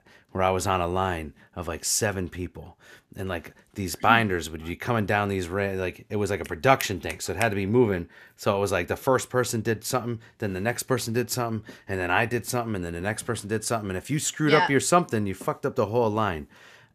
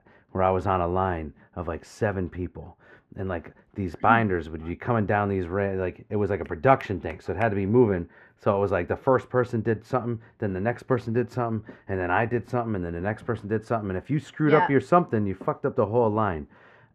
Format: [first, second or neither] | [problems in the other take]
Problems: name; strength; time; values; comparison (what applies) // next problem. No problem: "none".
first | muffled; very; fading above 3.5 kHz